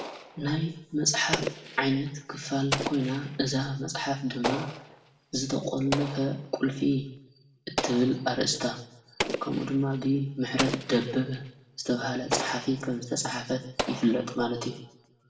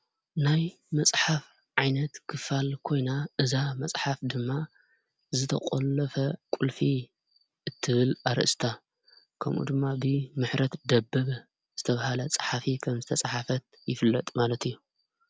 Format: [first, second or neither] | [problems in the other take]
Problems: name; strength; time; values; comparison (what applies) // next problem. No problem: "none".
second | background sound (Explosion); 8 dB below the speech // room echo; dies away in 0.6 s